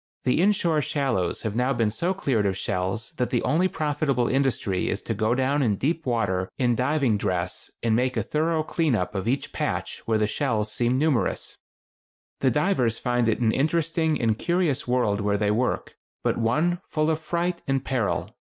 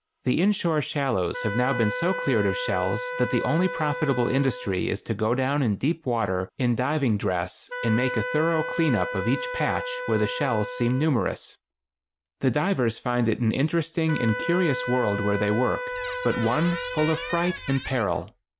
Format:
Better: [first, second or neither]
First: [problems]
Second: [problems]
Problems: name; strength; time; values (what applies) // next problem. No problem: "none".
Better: first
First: none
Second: background sound (Wind instrument, woodwind instrument + Squeak); 8 dB below the speech